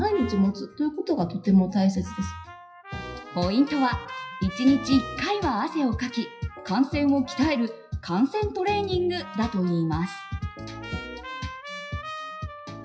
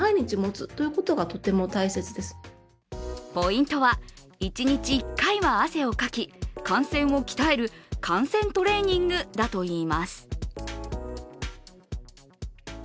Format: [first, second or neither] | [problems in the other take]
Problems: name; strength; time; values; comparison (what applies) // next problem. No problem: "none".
second | noise reduction (classical method WPE with log-MMSE)